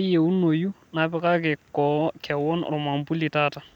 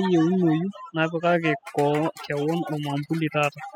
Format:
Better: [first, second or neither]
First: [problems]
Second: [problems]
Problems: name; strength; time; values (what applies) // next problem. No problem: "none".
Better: first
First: none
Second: noise reduction (classical method spectral subtraction)